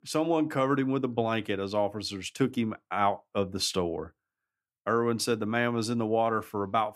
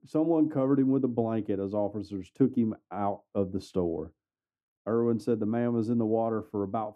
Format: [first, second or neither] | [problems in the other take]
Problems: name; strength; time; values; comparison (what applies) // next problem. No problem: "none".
first | muffled; very; fading above 1 kHz